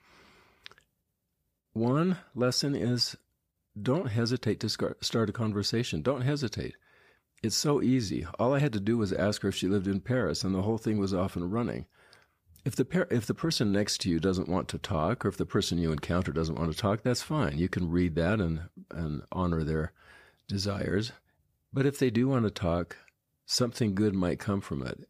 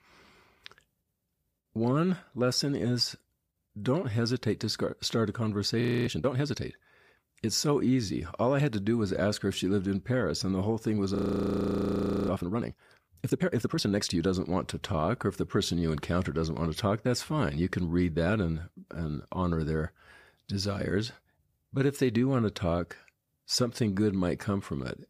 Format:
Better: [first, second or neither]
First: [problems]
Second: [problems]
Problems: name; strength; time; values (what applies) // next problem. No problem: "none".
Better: first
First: none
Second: audio freezing; at 6 s and at 11 s for 1 s